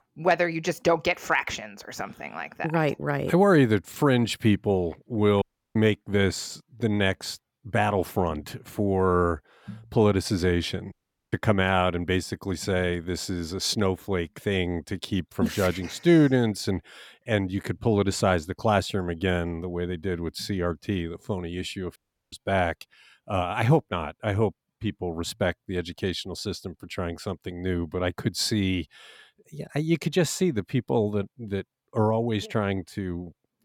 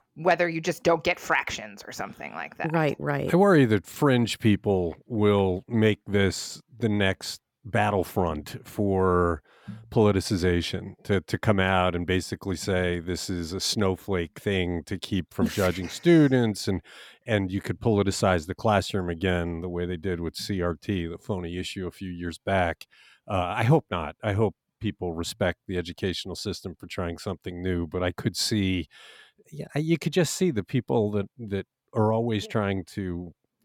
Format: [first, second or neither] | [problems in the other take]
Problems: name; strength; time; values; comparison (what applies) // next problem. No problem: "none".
second | audio cutting out; at 5.5 s, at 11 s and at 22 s